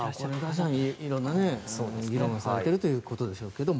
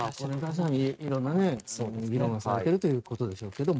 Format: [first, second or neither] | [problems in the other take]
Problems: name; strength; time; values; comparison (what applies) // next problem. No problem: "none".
first | noise reduction (neural mask model RNNoise)